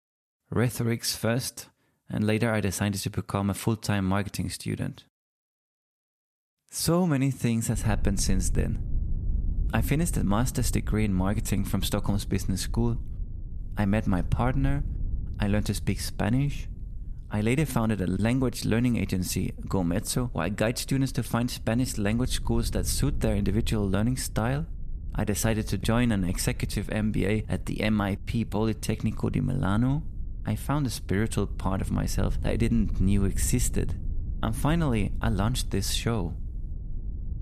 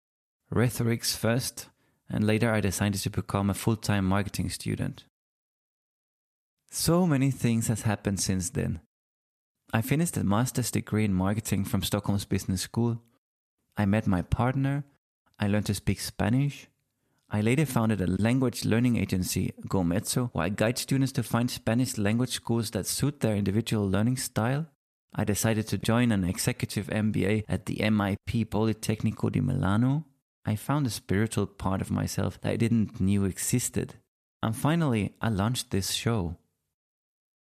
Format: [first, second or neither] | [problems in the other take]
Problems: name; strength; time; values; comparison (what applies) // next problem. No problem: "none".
second | wind noise on the microphone; occasional gusts; from 7.5 s on; 20 dB below the speech